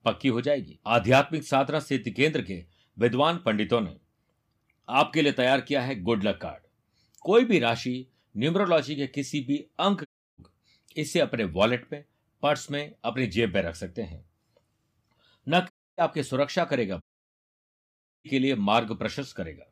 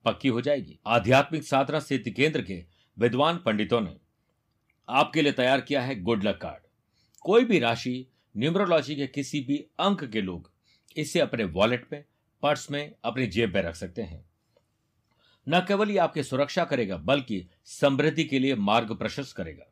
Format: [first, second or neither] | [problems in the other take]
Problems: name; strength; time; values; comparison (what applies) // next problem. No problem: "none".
second | audio cutting out; at 10 s, at 16 s and at 17 s for 1 s